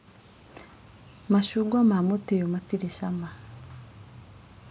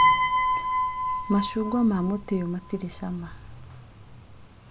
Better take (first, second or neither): first